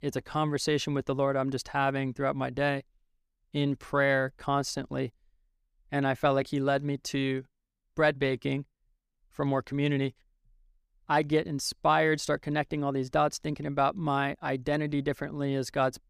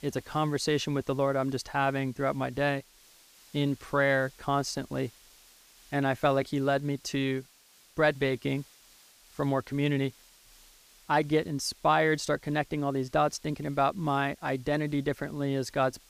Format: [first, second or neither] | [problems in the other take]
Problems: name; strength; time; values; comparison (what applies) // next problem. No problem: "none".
first | hiss; faint; throughout; 25 dB below the speech